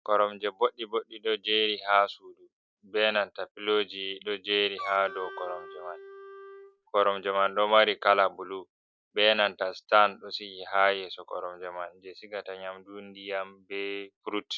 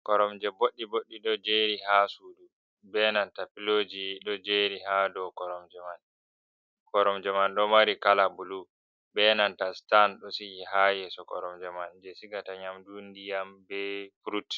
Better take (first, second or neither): second